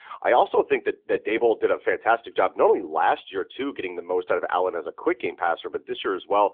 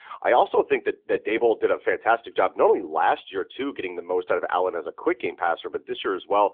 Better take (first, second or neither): neither